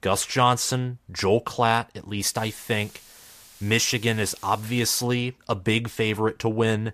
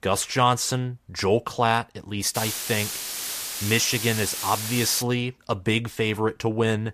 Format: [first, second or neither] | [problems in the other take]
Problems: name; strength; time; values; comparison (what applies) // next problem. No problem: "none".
first | hiss; loud; from 2.5 to 5 s; 4 dB below the speech; faint in the first